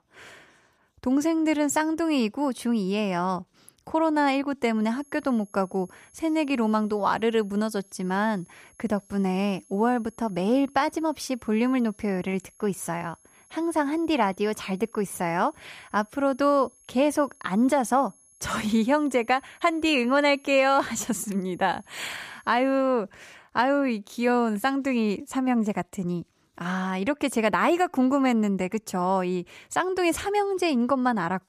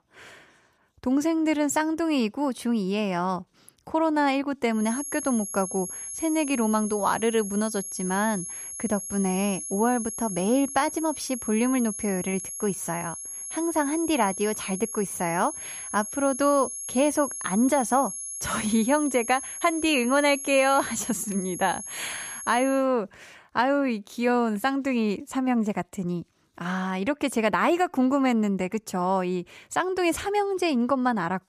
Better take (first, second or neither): first